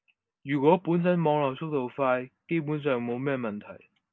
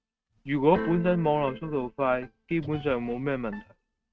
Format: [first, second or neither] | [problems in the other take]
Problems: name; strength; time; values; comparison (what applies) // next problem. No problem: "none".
first | noise reduction (neural mask model RNNoise)